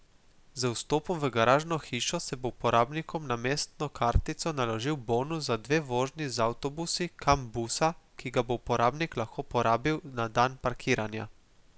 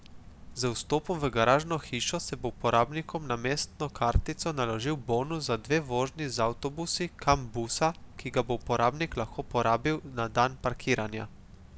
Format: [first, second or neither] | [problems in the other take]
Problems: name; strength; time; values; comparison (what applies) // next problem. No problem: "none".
first | background sound (Drip / Water); 19 dB below the speech